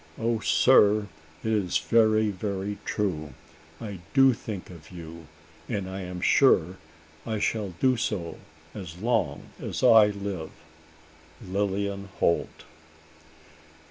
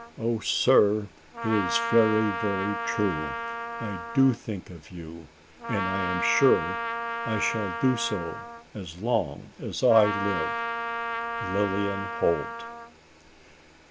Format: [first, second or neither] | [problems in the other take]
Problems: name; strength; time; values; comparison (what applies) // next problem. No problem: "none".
first | background sound (Trumpet); 5 dB below the speech